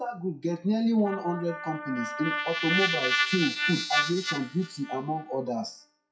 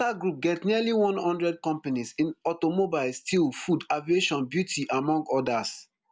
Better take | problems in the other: second | noise reduction (classical method WPE with log-MMSE)

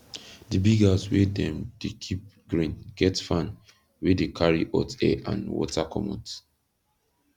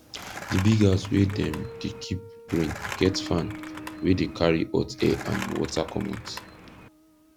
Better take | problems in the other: first | background sound (Skateboard + Guitar); 12 dB below the speech

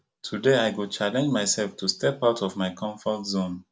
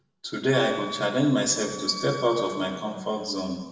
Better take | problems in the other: first | background sound (Wind instrument, woodwind instrument); 13 dB below the speech // room echo; dies away in 1.8 s

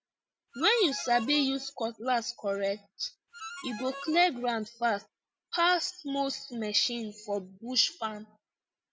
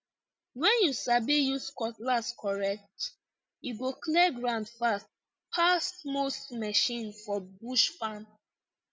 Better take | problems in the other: second | background sound (Harmonica); 13 dB below the speech

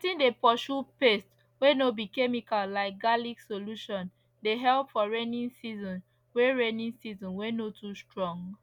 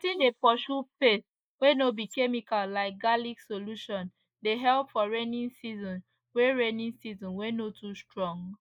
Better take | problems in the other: first | noise reduction (neural mask model Resemble Enhance denoiser)

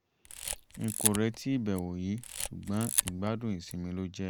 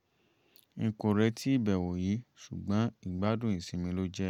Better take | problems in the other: second | background sound (Camera); 3 dB below the speech

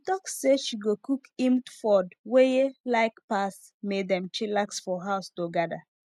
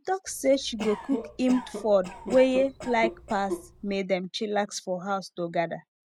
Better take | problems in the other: first | background sound (Cough); 10 dB below the speech

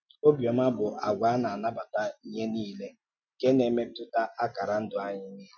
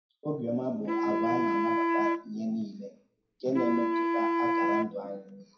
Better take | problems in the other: first | background sound (Wind instrument, woodwind instrument); 4 dB above the speech // room echo; dies away in 0.5 s

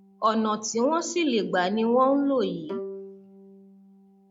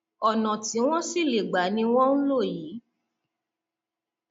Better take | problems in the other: second | background sound (Bowed string instrument); 18 dB below the speech

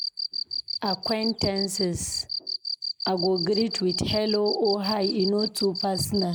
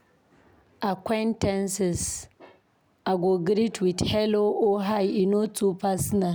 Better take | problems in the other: second | noise reduction (neural mask model Resemble Enhance denoiser)

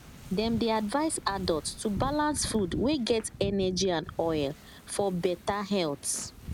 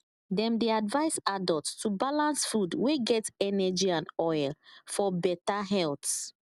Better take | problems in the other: second | background sound (Wind / Ocean); 12 dB below the speech

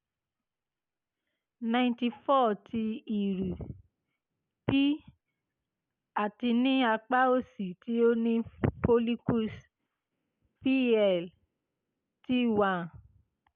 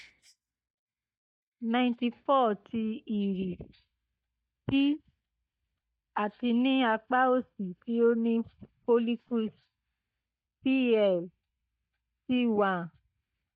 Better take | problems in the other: first | noise reduction (neural mask model DeepFilterNet 3)

